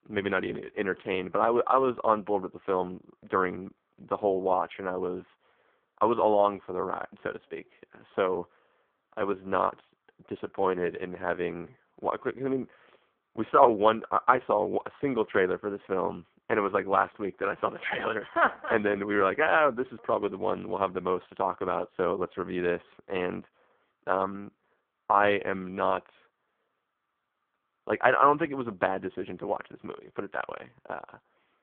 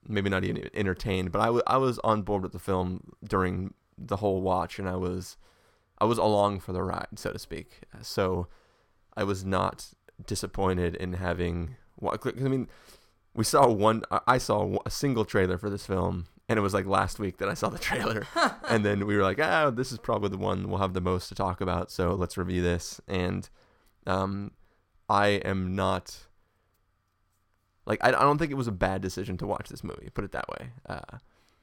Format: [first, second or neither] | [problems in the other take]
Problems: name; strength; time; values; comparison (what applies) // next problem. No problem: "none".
second | phone-call audio; poor line